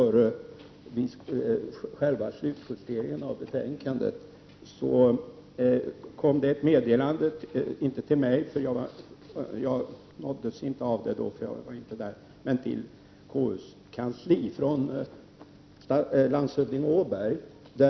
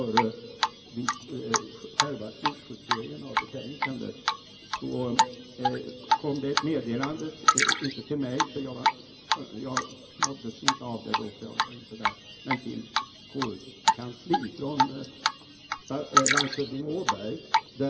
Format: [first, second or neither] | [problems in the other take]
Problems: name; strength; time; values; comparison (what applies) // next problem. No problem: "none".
first | background sound (Drip); 4 dB above the speech // room echo; dies away in 1.3 s